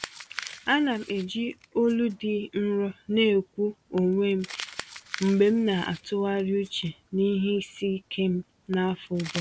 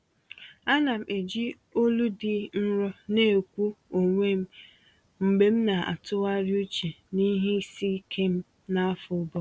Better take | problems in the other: second | background sound (Crumpling, crinkling); 18 dB below the speech

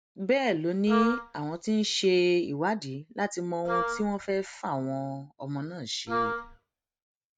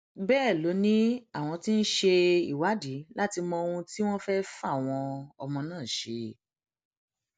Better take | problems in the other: second | noise reduction (neural mask model RNNoise)

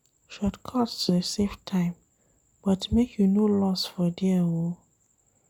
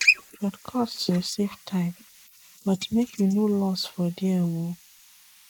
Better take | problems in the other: first | noise reduction (neural mask model Resemble Enhance denoiser)

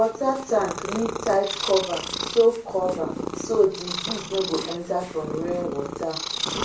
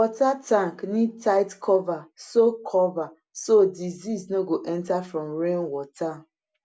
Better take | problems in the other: second | background sound (Purr); 7 dB below the speech // room echo; dies away in 0.3 s

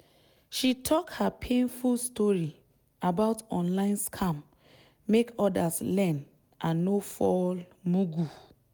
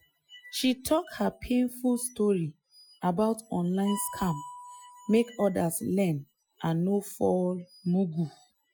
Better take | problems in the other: first | noise reduction (classical method Wiener filter)

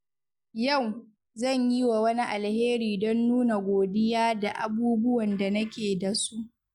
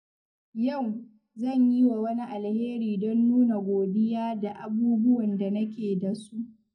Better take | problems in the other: first | room echo; dies away in 0.3 s

